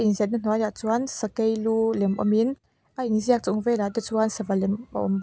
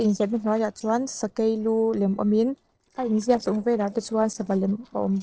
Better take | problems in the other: first | noise reduction (neural separator model SepFormer DNS4)

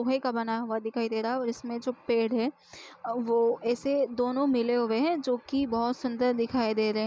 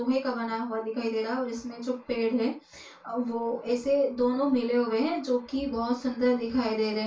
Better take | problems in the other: first | room echo; dies away in 0.3 s

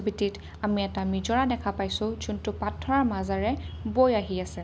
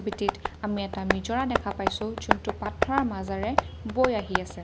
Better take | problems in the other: first | background sound (Tap); 1 dB below the speech

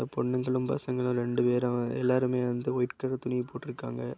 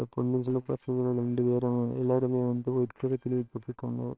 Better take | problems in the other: first | noise reduction (neural separator model SepFormer WHAMR!)

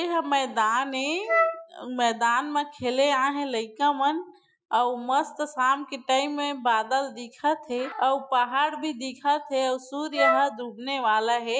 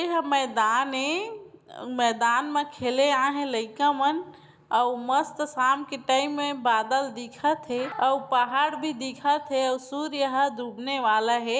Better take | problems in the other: second | noise reduction (classical method Wiener filter)

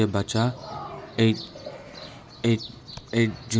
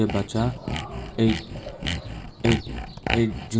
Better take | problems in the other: first | background sound (Sawing); 5 dB below the speech // room echo; dies away in 2 s

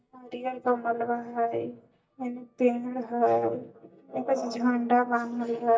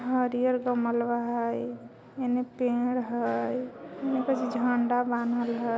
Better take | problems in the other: second | noise reduction (neural mask model DeepFilterNet 3)

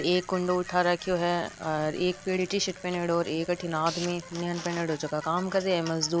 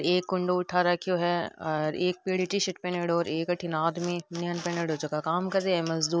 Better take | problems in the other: second | background sound (Tools + Bicycle); 17 dB below the speech

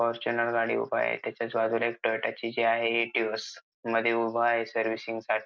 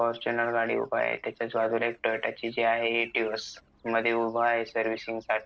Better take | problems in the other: first | noise reduction (neural separator model SepFormer DNS4)

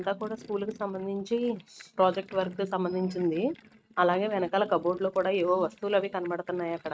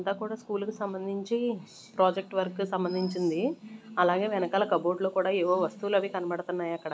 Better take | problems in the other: second | noise reduction (neural mask model RNNoise)

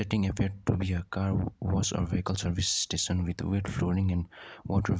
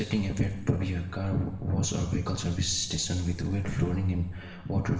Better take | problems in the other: first | background sound (Traffic noise, roadway noise); 16 dB below the speech // room echo; dies away in 1.3 s

